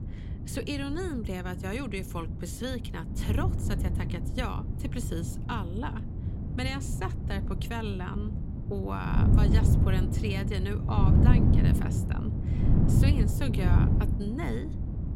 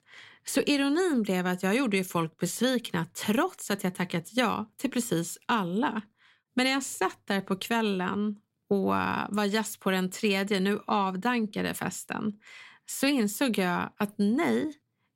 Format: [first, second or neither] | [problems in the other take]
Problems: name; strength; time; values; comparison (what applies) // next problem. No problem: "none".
second | wind noise on the microphone; heavy; 2 dB below the speech